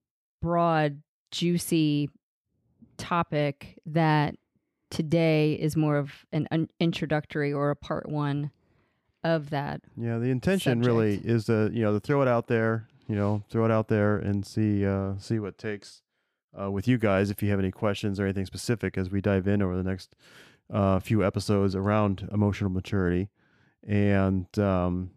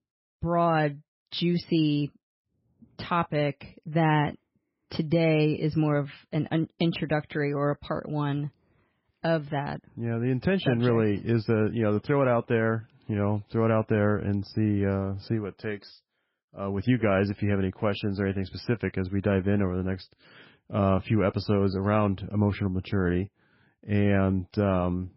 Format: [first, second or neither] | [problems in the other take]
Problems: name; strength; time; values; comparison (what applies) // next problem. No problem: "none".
first | garbled, watery; badly; nothing above 5.5 kHz